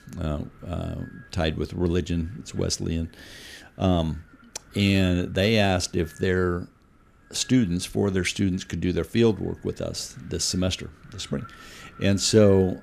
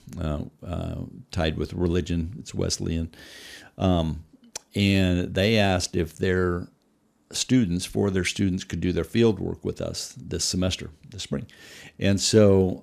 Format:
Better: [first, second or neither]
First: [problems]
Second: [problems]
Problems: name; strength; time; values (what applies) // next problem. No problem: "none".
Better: second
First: wind noise on the microphone; occasional gusts; 25 dB below the speech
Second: none